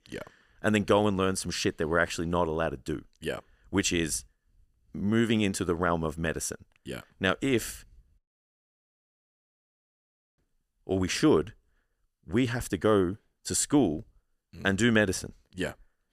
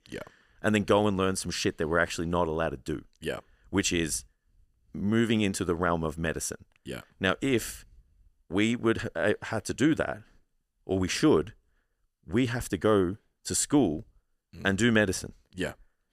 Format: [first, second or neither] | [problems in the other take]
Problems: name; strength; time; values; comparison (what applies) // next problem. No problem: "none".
second | audio cutting out; at 8 s for 2 s